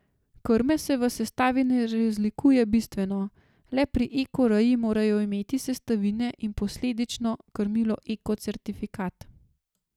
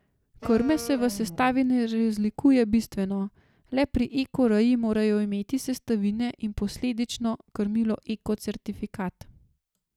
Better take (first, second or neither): first